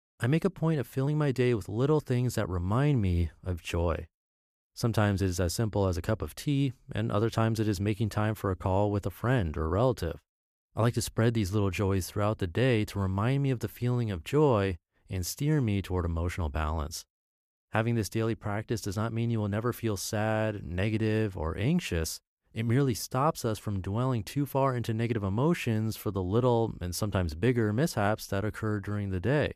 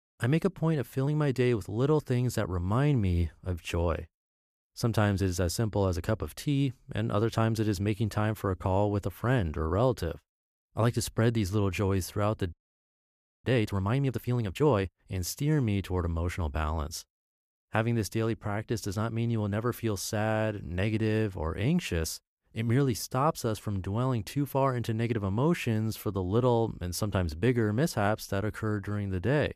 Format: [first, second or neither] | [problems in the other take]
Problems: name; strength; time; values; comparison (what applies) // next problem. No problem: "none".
first | audio freezing; at 13 s for 1 s